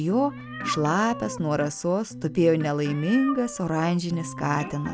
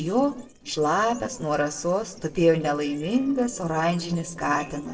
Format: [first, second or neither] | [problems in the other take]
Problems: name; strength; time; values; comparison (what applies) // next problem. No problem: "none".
first | noise reduction (neural separator model SepFormer DNS4)